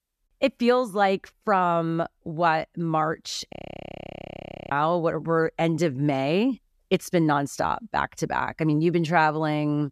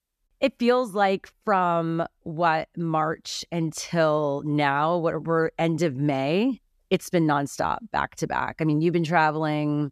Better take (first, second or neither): second